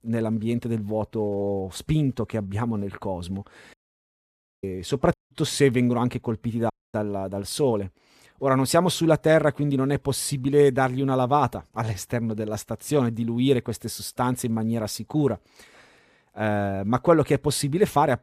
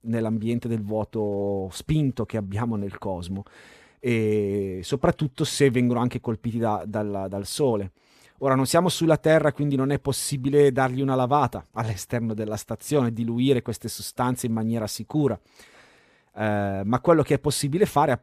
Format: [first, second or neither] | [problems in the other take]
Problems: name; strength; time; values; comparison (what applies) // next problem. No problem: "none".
second | audio cutting out; at 3.5 s for 1 s, at 5 s and at 6.5 s